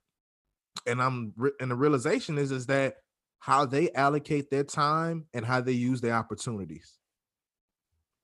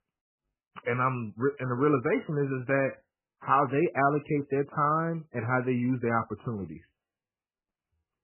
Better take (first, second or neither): first